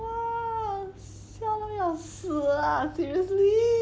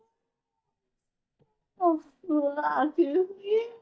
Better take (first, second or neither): first